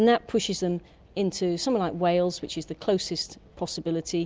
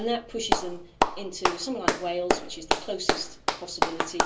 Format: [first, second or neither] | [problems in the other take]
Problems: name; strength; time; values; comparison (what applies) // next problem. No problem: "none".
first | background sound (Clapping); 5 dB above the speech // room echo; dies away in 0.3 s